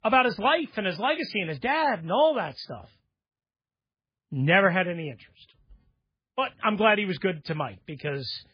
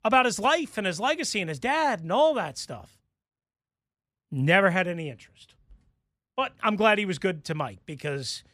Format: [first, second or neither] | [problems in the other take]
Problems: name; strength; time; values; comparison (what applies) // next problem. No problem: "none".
second | garbled, watery; badly